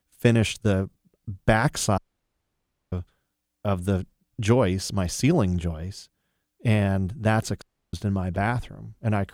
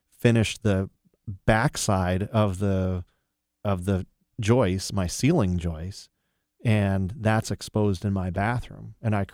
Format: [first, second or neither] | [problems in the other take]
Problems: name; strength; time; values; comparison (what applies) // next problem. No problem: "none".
second | audio cutting out; at 2 s for 1 s and at 7.5 s